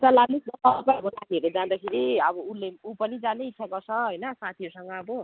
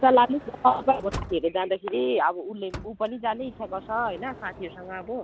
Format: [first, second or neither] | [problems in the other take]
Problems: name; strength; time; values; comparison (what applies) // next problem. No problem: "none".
first | background sound (Sliding door / Motor vehicle (road)); 17 dB below the speech